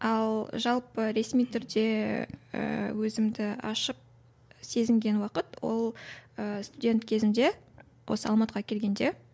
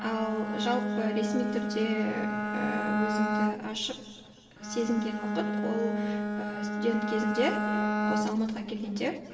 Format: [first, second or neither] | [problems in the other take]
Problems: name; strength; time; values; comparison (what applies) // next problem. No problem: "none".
first | background sound (Bowed string instrument); 1 dB above the speech // room echo; dies away in 2.2 s